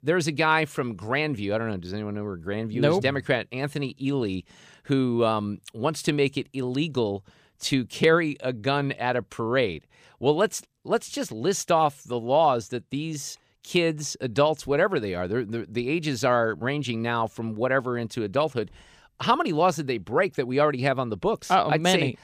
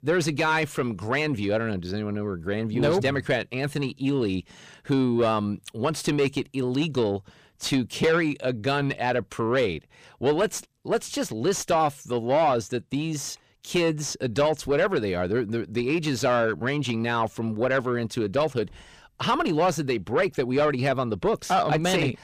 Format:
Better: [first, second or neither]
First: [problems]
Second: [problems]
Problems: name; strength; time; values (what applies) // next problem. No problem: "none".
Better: first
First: none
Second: distortion; slight; 10 dB below the speech